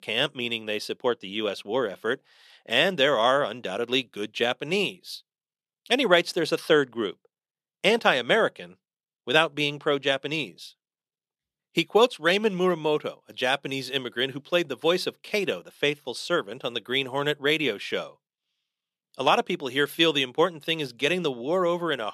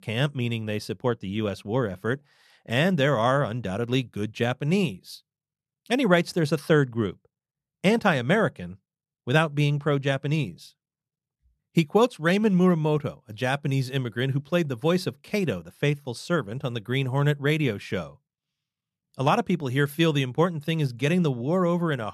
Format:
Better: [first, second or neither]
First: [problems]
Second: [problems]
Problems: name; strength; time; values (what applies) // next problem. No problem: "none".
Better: second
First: thin; somewhat; fading below 400 Hz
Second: none